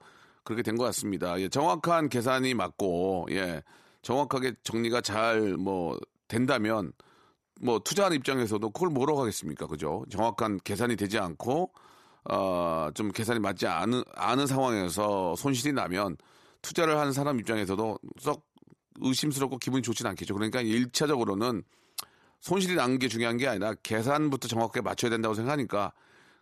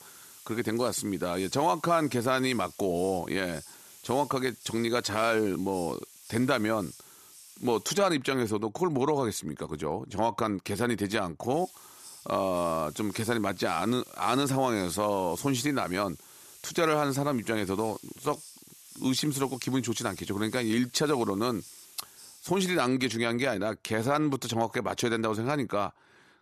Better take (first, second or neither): first